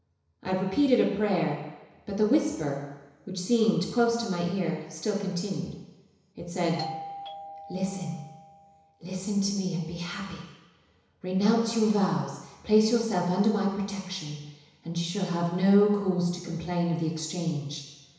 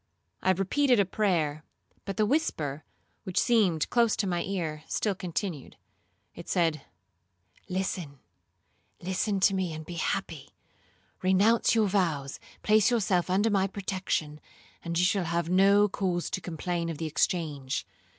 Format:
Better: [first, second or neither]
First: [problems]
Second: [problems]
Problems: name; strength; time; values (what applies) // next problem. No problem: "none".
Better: second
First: background sound (Doorbell); 13 dB below the speech // room echo; dies away in 1 s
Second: none